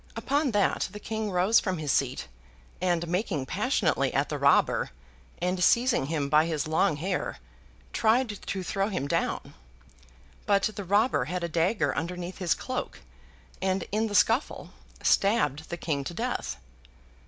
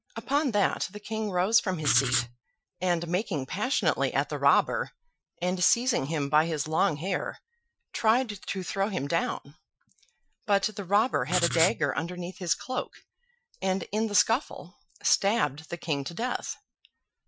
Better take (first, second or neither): first